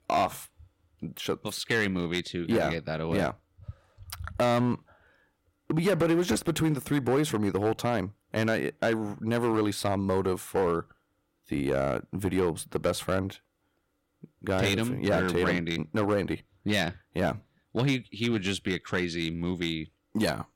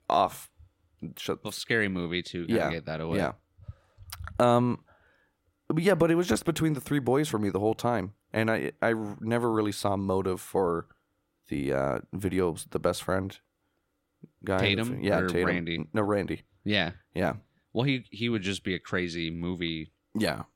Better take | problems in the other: second | distortion; slight; 4% of the sound clipped

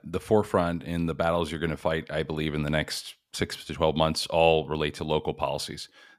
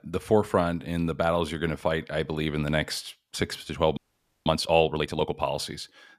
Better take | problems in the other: first | audio freezing; at 4 s

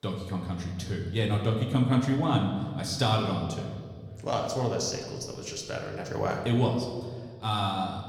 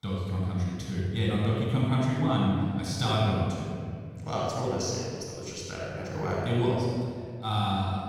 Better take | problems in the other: first | room echo; strong; dies away in 2.2 s; slight in the first // off-mic speech; far; somewhat distant in the first

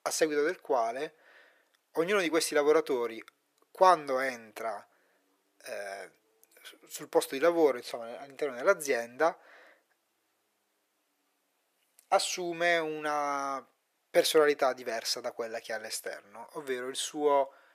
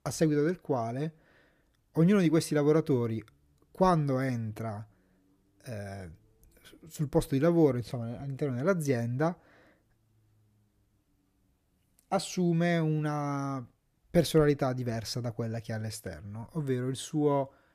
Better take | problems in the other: second | thin; very; fading below 500 Hz

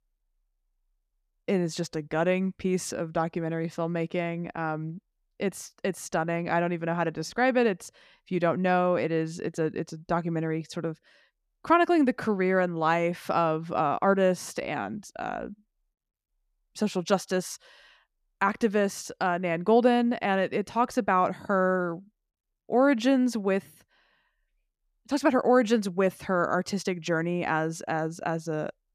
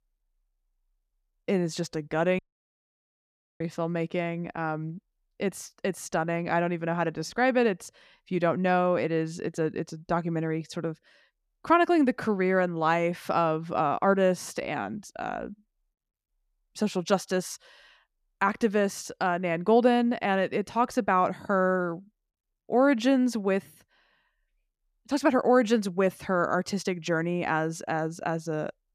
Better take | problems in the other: first | audio cutting out; at 2.5 s for 1 s

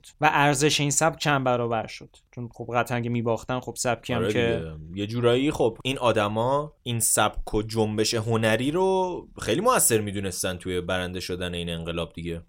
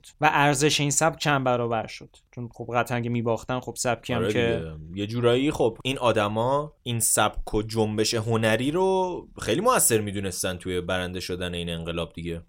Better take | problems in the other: neither | none

